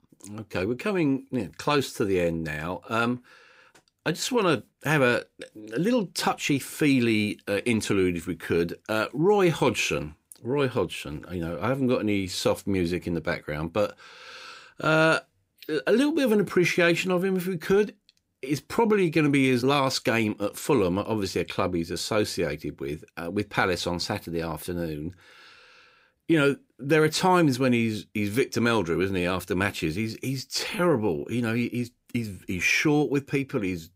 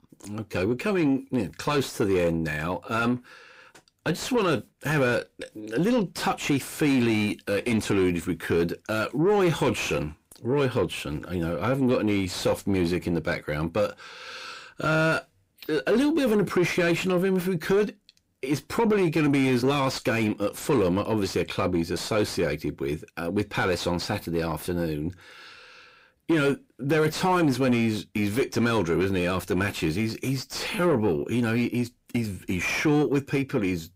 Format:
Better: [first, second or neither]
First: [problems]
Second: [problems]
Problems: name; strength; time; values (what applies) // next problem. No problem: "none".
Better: first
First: none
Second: distortion; slight; 10 dB below the speech